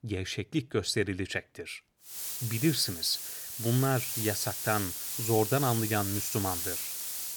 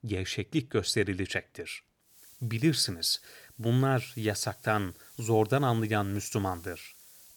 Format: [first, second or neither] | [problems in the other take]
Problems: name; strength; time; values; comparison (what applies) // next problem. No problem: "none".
second | hiss; loud; from 2 s on; 2 dB below the speech; faint in the second